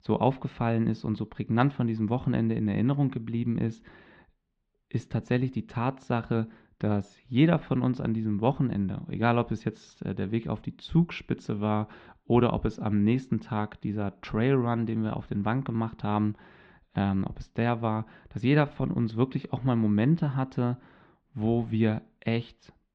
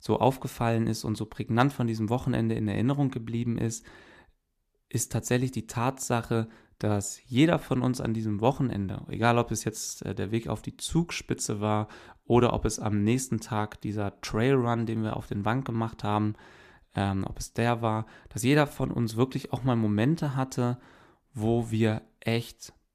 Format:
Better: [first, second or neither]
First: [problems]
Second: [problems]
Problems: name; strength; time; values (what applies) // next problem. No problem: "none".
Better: second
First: muffled; very; fading above 3.5 kHz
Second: none